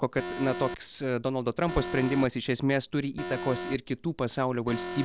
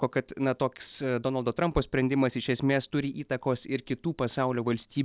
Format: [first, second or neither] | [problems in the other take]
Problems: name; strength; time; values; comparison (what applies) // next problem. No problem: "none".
second | background sound (Alarm); 10 dB below the speech